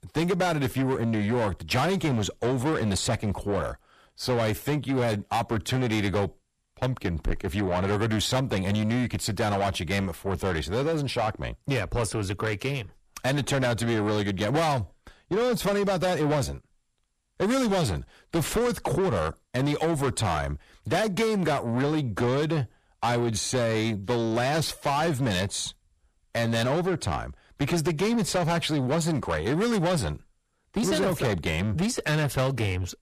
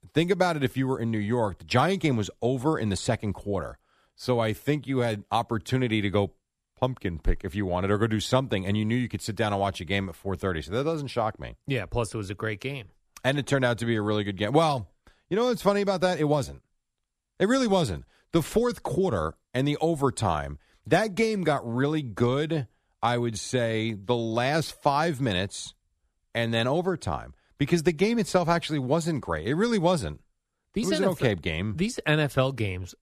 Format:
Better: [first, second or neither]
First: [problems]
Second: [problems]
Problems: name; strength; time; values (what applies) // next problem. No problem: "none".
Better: second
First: distortion; heavy; 6 dB below the speech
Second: none